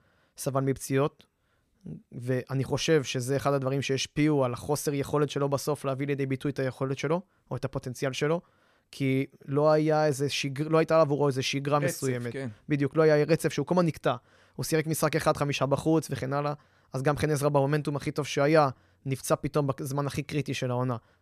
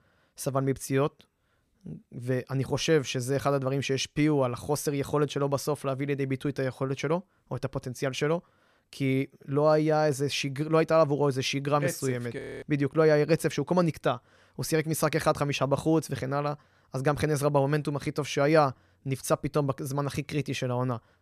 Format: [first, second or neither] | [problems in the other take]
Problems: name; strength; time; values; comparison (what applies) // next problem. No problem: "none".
first | audio freezing; at 12 s